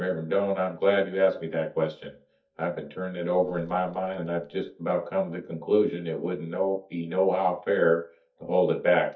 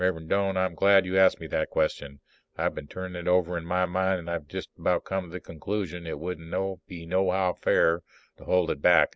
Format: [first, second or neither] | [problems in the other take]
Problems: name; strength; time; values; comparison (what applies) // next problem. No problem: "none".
second | noise reduction (neural mask model DeepFilterNet 3)